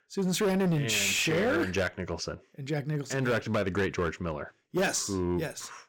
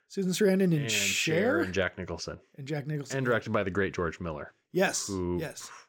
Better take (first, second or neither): second